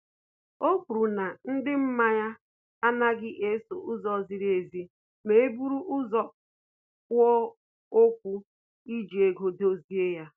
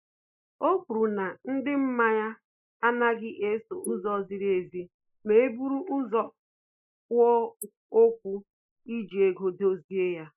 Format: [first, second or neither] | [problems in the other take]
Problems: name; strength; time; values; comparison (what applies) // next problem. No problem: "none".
first | noise reduction (neural mask model Resemble Enhance denoiser)